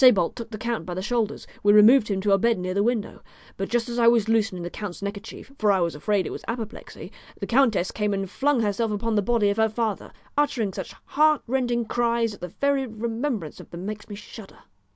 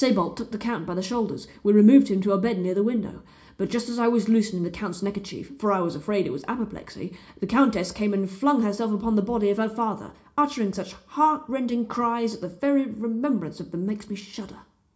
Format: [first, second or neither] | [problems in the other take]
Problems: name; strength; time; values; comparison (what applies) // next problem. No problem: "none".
first | room echo; dies away in 0.4 s